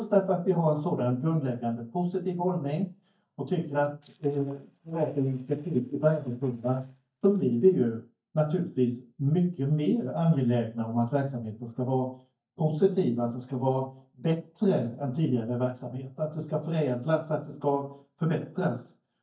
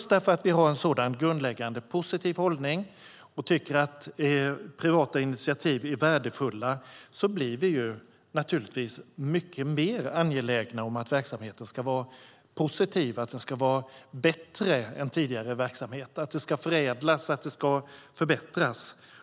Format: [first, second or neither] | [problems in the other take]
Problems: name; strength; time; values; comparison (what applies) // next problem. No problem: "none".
second | noise reduction (neural mask model DeepFilterNet 3)